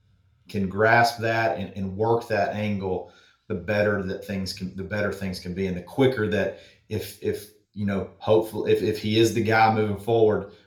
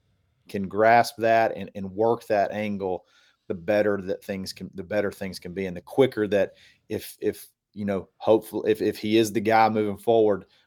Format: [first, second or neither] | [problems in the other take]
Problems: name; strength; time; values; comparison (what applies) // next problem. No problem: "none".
second | room echo; very slight; dies away in 0.3 s // off-mic speech; somewhat distant